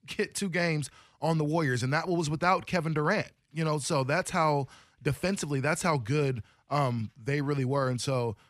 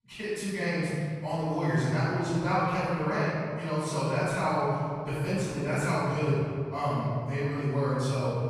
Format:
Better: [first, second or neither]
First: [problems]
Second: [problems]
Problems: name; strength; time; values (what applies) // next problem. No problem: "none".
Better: first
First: none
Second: off-mic speech; far // room echo; strong; dies away in 2 s